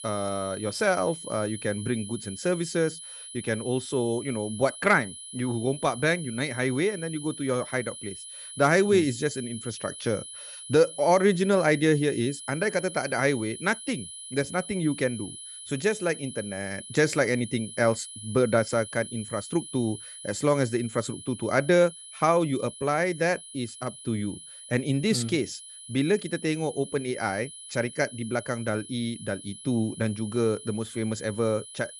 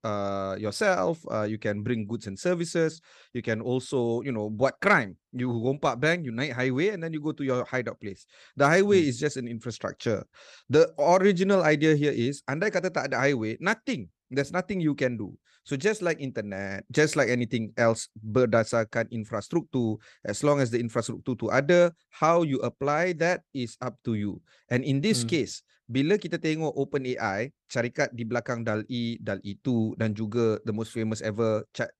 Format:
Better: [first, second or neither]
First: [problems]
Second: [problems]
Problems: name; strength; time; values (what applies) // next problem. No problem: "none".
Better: second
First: high-pitched whine; noticeable; throughout; 10 kHz, 10 dB below the speech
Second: none